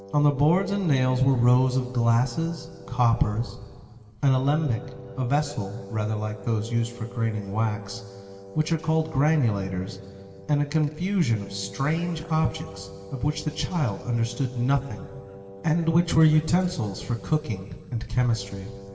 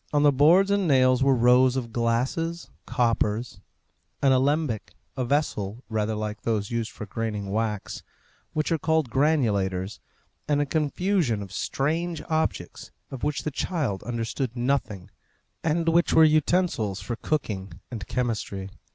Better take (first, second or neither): second